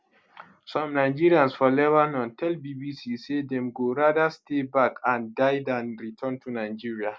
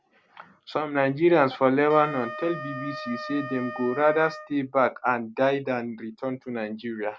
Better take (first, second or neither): first